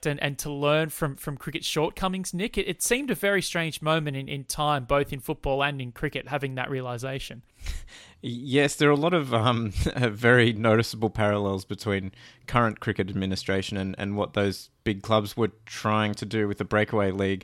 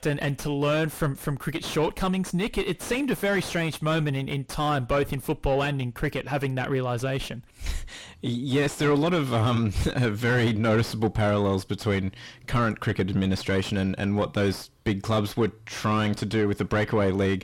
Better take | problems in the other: first | distortion; heavy; 6 dB below the speech

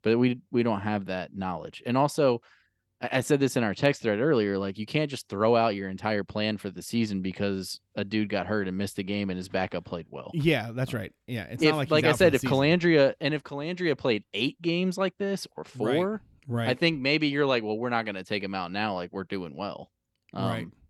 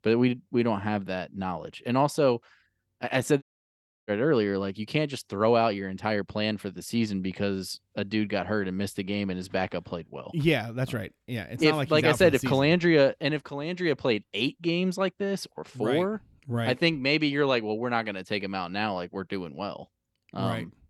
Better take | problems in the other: first | audio cutting out; at 3.5 s for 0.5 s

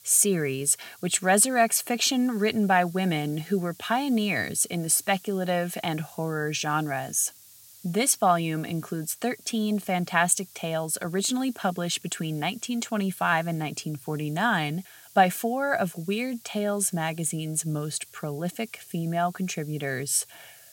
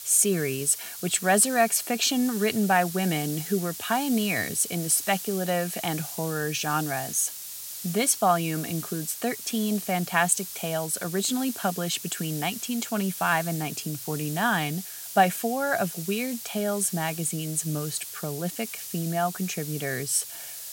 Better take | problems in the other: first | hiss; loud; throughout; 9 dB below the speech; faint in the first

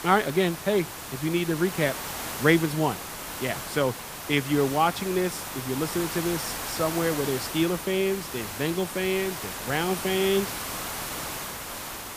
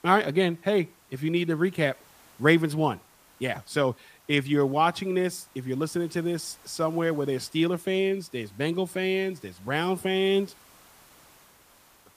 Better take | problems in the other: second | hiss; loud; throughout; 6 dB below the speech; faint in the second

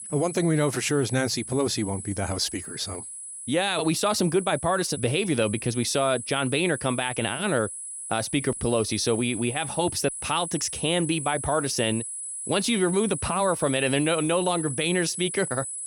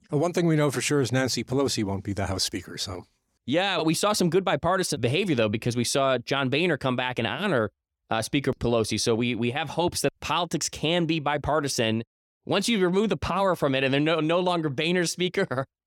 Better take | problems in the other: second | high-pitched whine; loud; throughout; 10 kHz, 7 dB below the speech

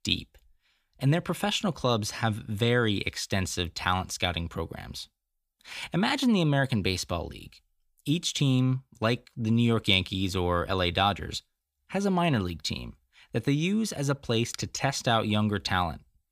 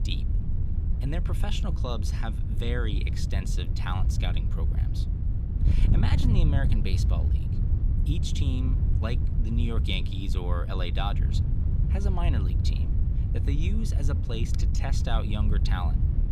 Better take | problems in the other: first | wind noise on the microphone; heavy; 5 dB below the speech

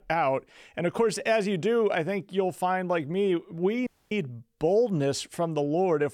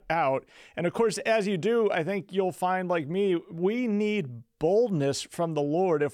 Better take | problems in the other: second | audio cutting out; at 4 s

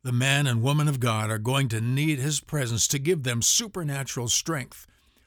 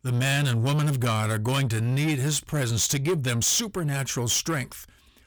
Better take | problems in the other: first | distortion; slight; 10 dB below the speech

